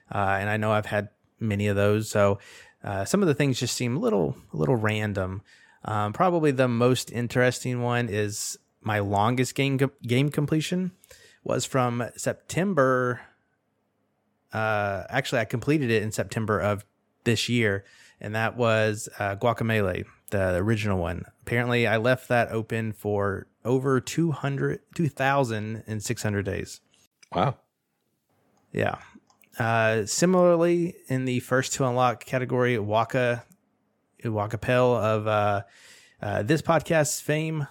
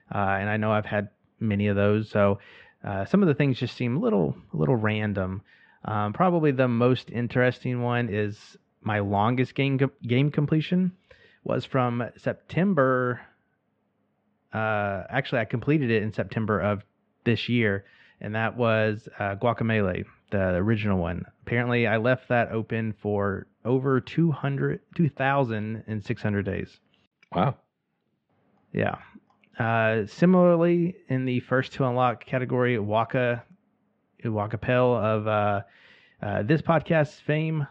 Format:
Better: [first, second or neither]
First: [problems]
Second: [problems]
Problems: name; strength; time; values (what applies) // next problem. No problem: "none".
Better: first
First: none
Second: muffled; very; fading above 3.5 kHz